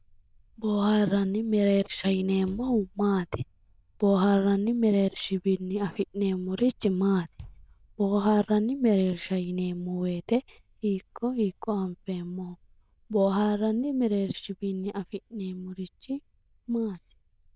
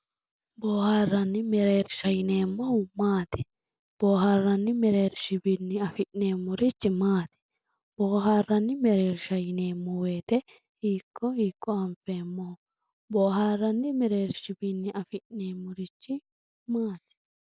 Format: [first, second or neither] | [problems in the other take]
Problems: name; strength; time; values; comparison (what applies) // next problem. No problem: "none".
second | noise reduction (neural diffusion model UNIVERSE++)